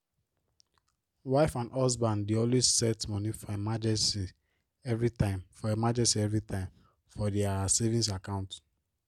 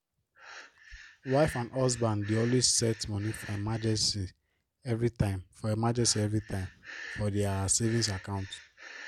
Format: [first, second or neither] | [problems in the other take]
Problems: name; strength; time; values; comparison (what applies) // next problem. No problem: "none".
first | background sound (Breathing); 17 dB below the speech